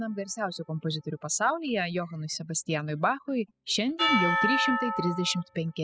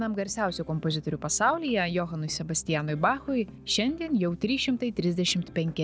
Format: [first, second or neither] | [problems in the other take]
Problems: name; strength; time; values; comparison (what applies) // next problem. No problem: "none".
second | noise reduction (classical method spectral subtraction)